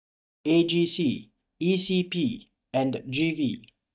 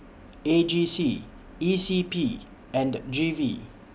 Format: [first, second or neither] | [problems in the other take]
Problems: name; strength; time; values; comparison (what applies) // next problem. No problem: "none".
second | noise reduction (neural mask model DeepFilterNet 3)